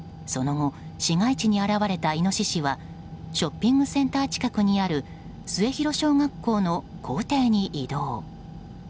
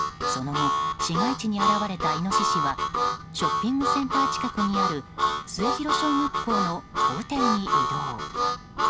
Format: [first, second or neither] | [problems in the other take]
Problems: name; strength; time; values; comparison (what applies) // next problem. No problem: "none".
first | background sound (Harmonica); 4 dB above the speech